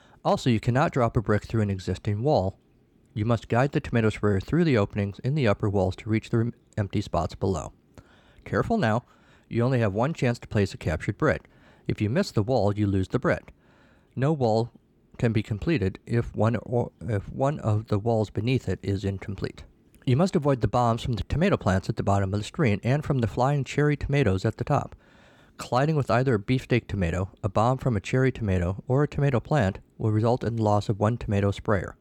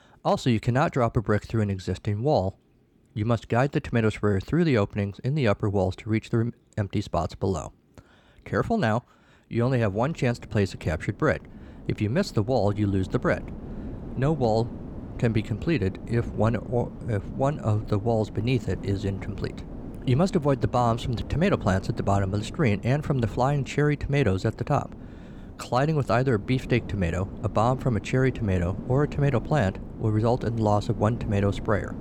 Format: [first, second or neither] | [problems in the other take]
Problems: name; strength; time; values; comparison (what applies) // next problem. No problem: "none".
first | wind noise on the microphone; occasional gusts; from 9.5 s on; 15 dB below the speech